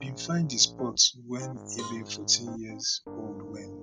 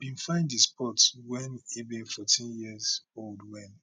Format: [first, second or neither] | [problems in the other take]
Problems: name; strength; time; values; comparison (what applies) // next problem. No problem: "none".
second | background sound (Cowbell + Piano); 12 dB below the speech